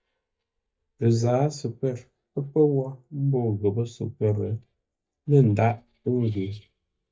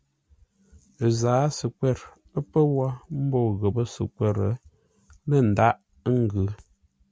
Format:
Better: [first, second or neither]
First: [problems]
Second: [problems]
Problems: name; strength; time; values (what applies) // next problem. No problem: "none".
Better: second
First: noise reduction (neural mask model DeepFilterNet 3)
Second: none